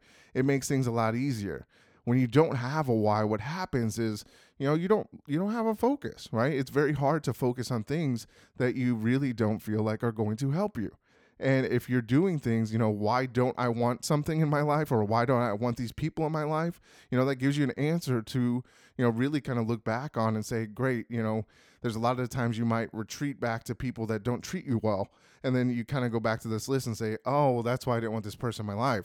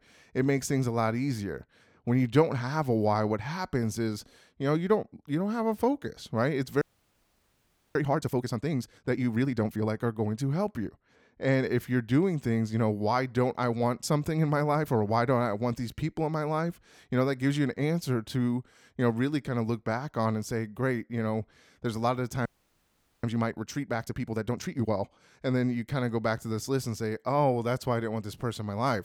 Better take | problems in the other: first | audio freezing; at 7 s for 1 s and at 22 s for 1 s

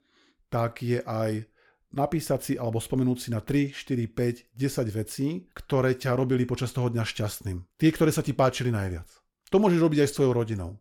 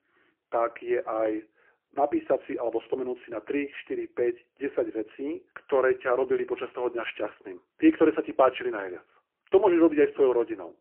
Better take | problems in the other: first | phone-call audio; poor line

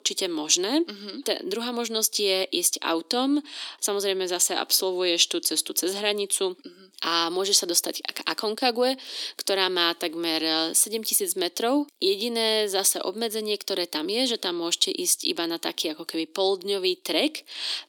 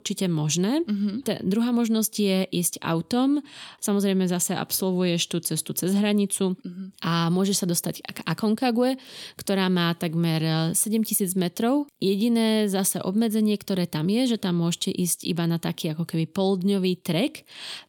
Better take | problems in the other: second | thin; somewhat; fading below 300 Hz

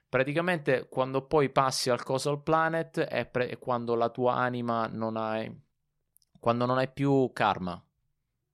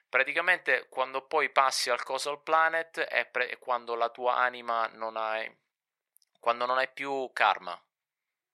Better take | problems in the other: first | thin; very; fading below 750 Hz

